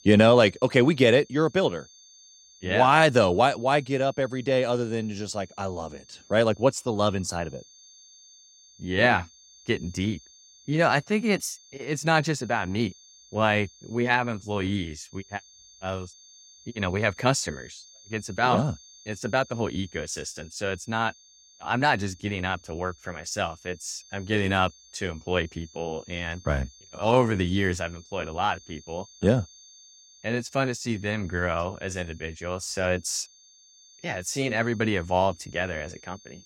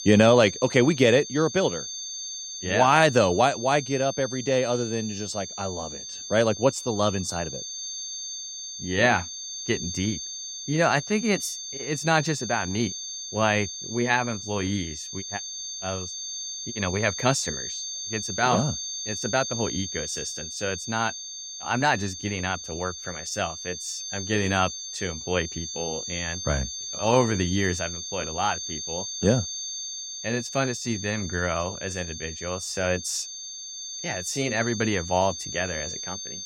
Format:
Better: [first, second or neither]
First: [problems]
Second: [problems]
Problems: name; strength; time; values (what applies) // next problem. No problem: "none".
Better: first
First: high-pitched whine; faint; throughout; 6.5 kHz, 25 dB below the speech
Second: high-pitched whine; loud; throughout; 6.5 kHz, 7 dB below the speech